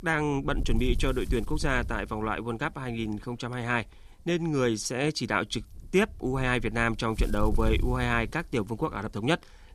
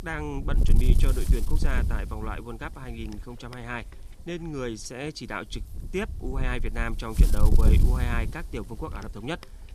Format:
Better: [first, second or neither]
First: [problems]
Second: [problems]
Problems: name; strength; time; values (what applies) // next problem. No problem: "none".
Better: first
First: wind noise on the microphone; occasional gusts; 25 dB below the speech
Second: wind noise on the microphone; heavy; 7 dB below the speech